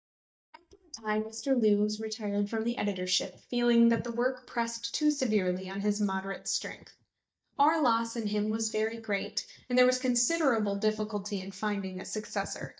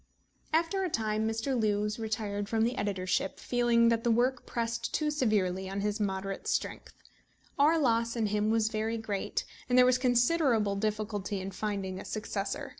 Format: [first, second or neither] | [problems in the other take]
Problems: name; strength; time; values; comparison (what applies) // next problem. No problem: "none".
second | noise reduction (neural mask model DeepFilterNet 3)